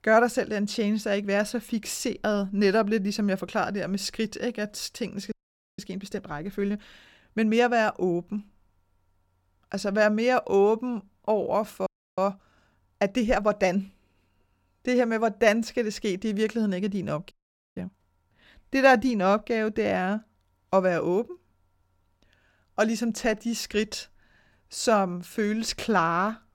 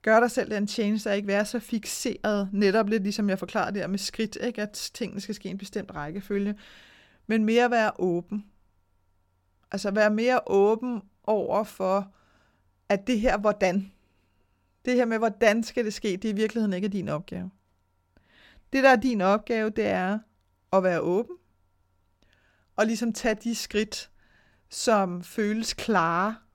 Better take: second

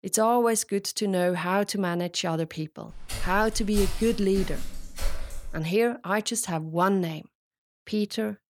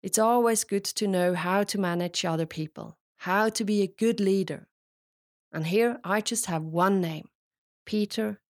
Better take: second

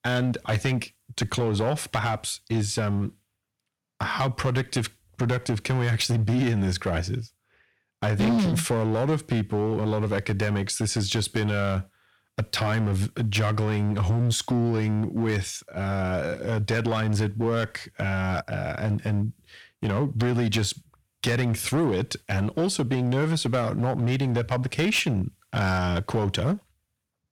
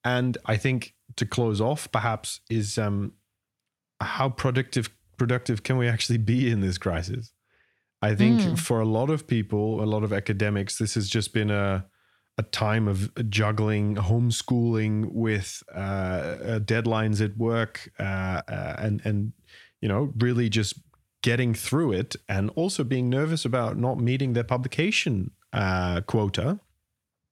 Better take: second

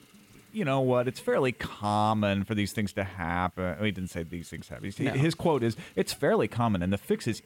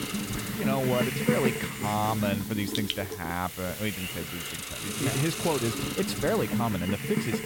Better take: first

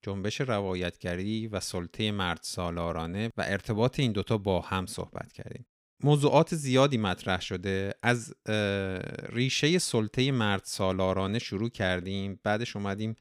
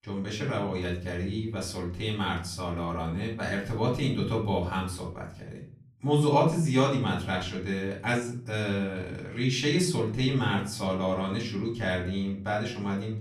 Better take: first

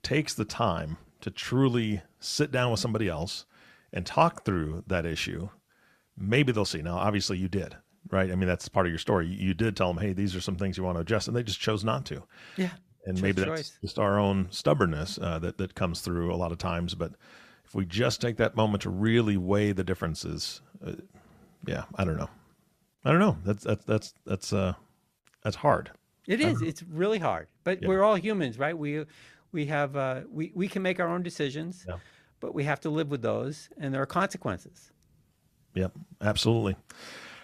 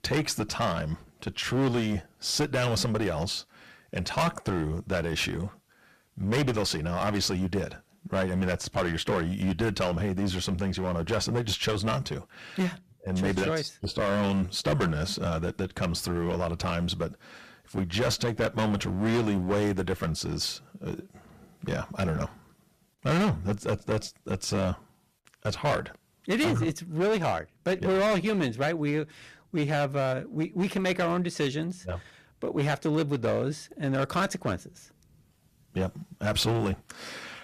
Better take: first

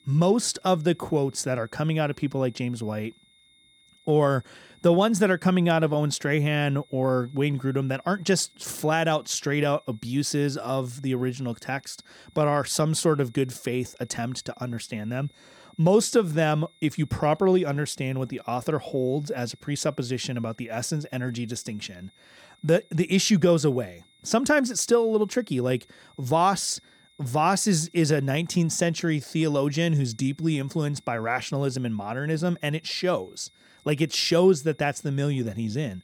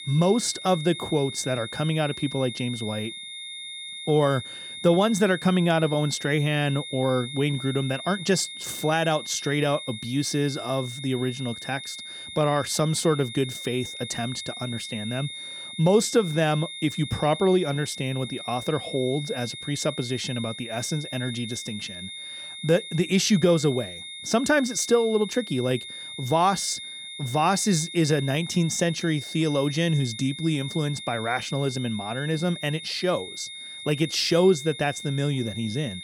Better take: first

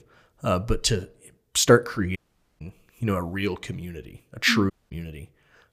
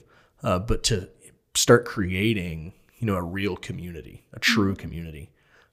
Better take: second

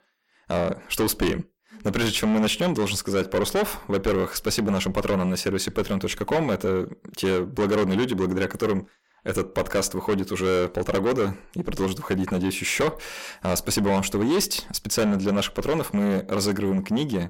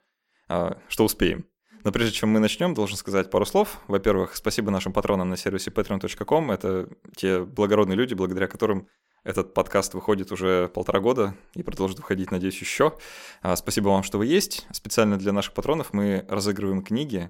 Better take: second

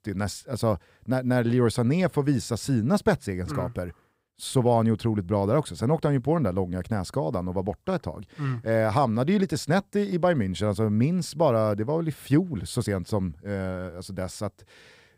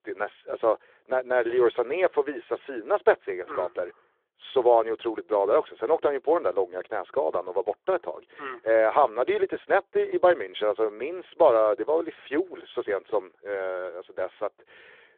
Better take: first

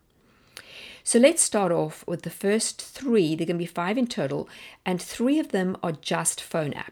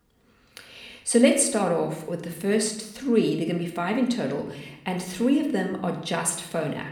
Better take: first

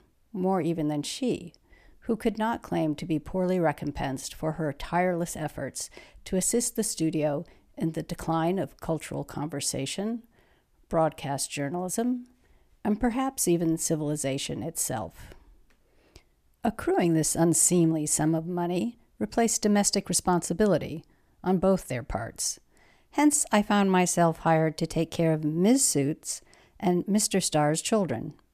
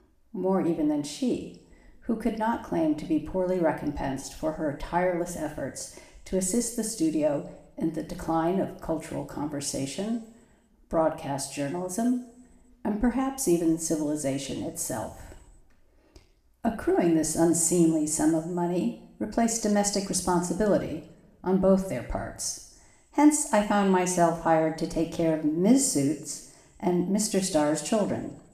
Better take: first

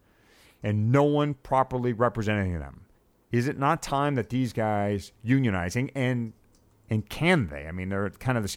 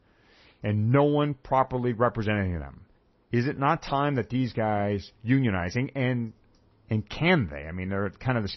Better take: first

